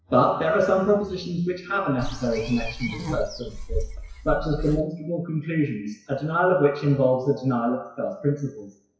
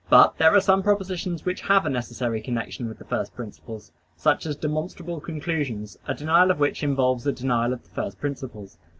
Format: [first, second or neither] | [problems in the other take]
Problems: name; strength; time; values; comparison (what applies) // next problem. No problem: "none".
second | noise reduction (classical method WPE with log-MMSE)